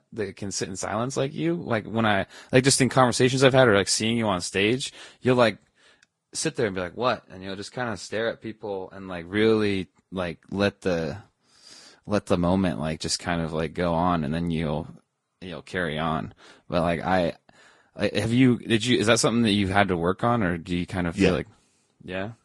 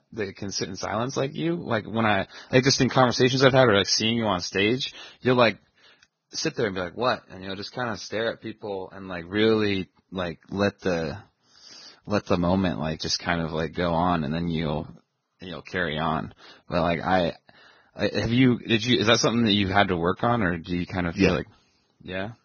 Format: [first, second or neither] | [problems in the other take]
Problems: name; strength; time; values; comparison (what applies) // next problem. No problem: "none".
first | garbled, watery; badly; nothing above 6.5 kHz; slightly in the first